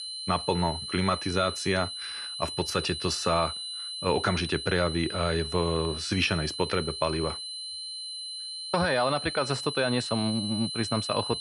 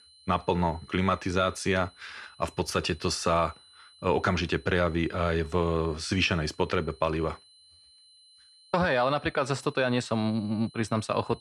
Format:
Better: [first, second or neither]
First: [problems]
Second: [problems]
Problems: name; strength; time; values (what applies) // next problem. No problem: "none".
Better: second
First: high-pitched whine; loud; throughout; 4 kHz, 5 dB below the speech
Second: high-pitched whine; faint; throughout; 4 kHz, 25 dB below the speech